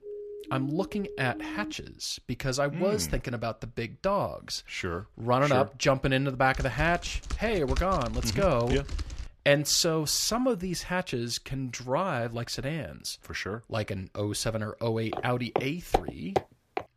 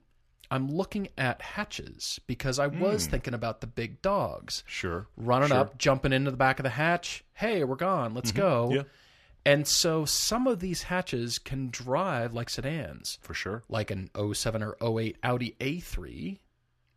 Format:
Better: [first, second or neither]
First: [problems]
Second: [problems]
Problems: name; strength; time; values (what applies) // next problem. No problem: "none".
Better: second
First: siren; noticeable; until 1.5 s; peak 9 dB below the speech // keyboard typing; noticeable; from 6.5 to 9.5 s; peak 5 dB below the speech // footsteps; noticeable; from 15 s on; peak 2 dB below the speech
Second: none